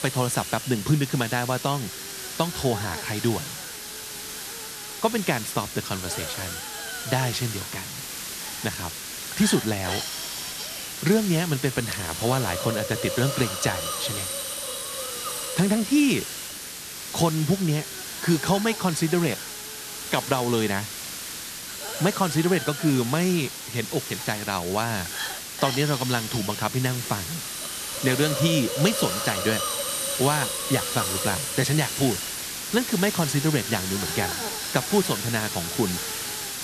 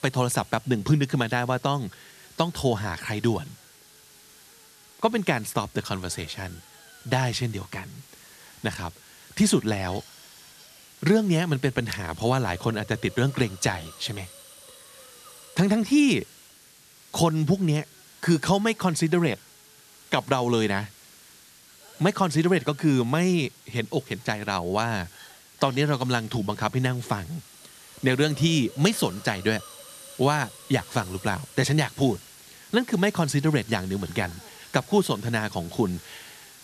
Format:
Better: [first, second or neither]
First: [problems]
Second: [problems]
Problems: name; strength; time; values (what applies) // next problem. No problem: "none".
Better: second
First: hiss; loud; throughout; 4 dB below the speech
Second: hiss; faint; throughout; 20 dB below the speech